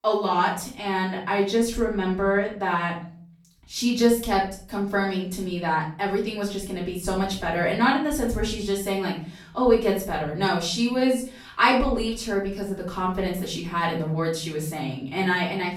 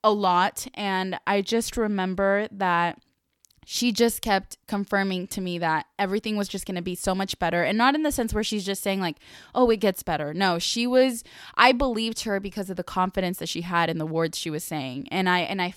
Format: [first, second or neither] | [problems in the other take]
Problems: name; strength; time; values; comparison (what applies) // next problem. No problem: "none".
second | room echo; noticeable; dies away in 0.6 s // off-mic speech; far